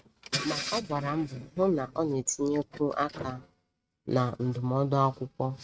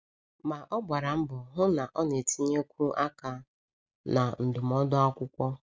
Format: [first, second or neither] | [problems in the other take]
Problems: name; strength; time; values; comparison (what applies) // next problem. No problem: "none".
second | noise reduction (neural mask model RNNoise)